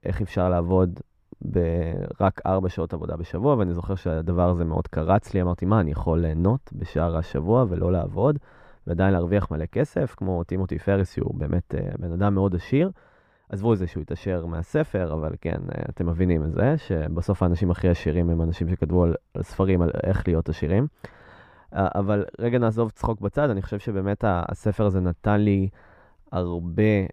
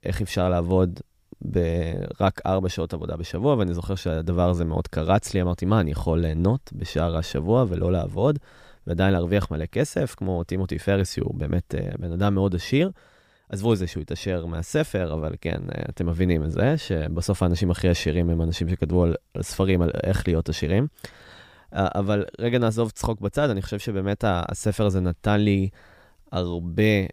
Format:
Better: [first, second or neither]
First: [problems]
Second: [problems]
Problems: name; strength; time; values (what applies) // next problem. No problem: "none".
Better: second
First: muffled; very; fading above 3 kHz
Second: none